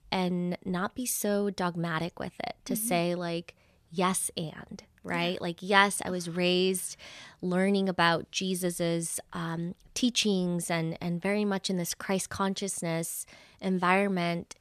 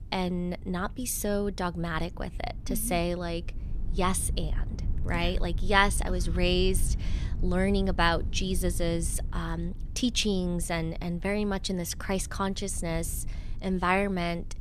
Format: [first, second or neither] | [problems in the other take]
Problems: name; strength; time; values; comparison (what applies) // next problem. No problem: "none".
first | low rumble; faint; throughout; 20 dB below the speech